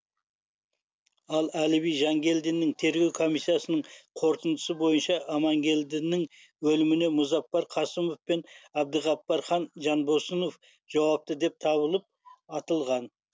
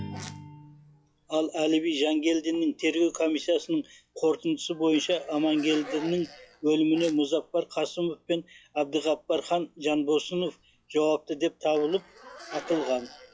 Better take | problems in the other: first | noise reduction (classical method log-MMSE)

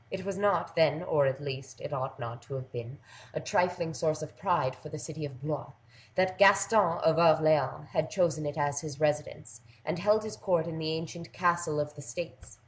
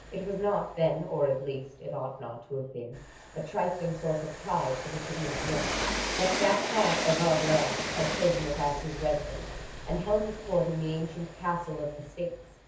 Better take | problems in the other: first | background sound (Train); 5 dB below the speech // room echo; dies away in 0.5 s

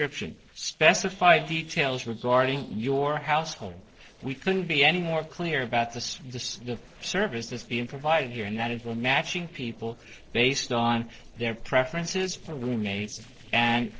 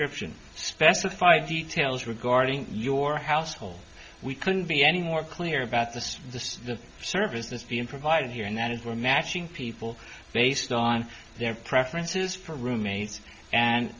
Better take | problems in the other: second | noise reduction (neural separator model SepFormer DNS4)

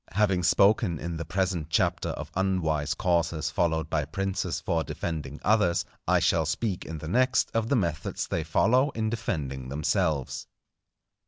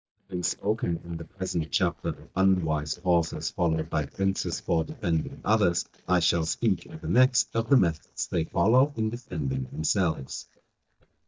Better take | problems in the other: first | noise reduction (neural mask model DeepFilterNet 3)

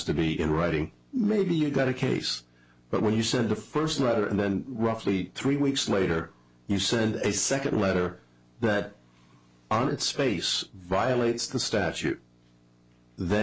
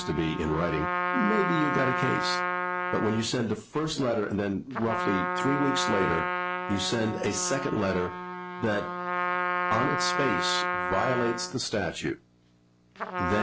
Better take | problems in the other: first | background sound (Trumpet); 1 dB below the speech

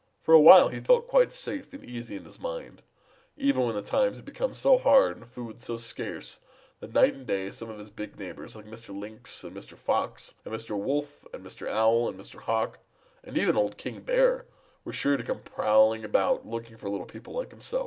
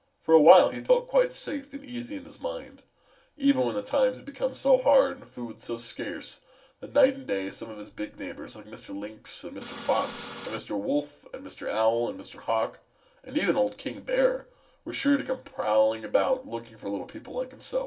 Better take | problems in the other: first | background sound (Printer); 12 dB below the speech // room echo; dies away in 0.2 s

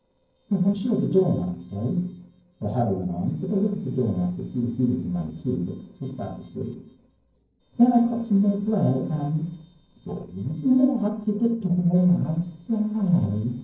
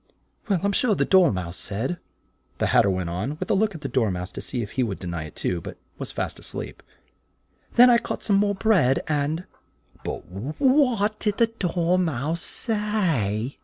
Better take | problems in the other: second | noise reduction (neural separator model SepFormer DNS4)

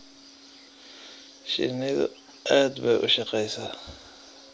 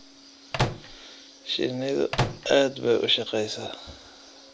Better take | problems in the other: first | background sound (Microwave oven); 1 dB below the speech

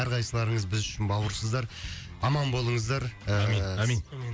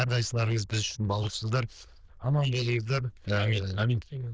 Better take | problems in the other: first | noise reduction (neural diffusion model UNIVERSE++)

